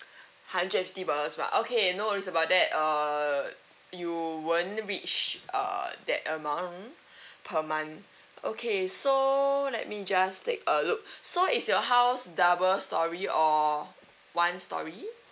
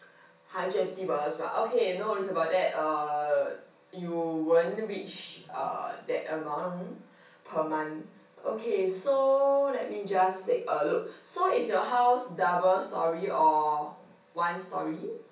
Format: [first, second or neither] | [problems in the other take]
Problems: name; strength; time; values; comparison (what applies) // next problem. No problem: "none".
first | room echo; dies away in 0.6 s